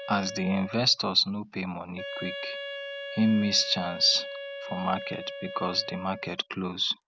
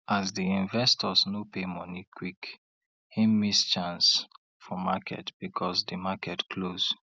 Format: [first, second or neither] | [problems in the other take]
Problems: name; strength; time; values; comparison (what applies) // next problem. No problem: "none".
second | background sound (Wind instrument, woodwind instrument); 10 dB below the speech